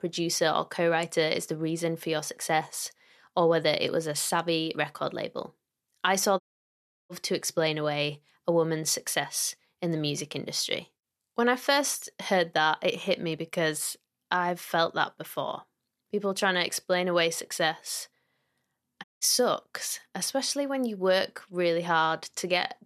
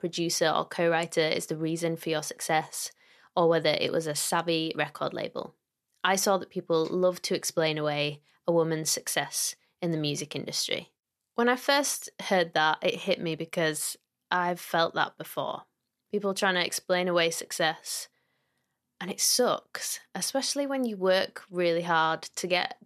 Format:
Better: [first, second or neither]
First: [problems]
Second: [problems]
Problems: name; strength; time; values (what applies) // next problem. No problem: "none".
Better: second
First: audio cutting out; at 6.5 s for 0.5 s and at 19 s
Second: none